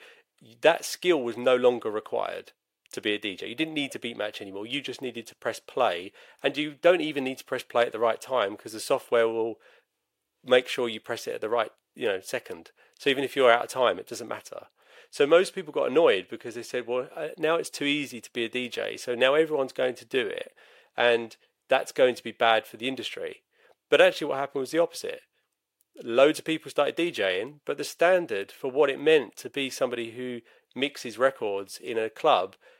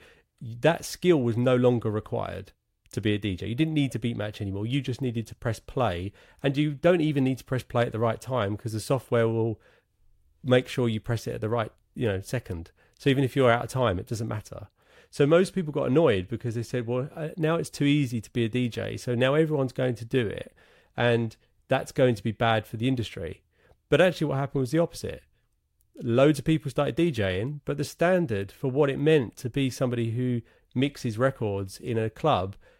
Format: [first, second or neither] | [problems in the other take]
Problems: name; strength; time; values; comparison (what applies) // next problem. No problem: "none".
second | thin; somewhat; fading below 500 Hz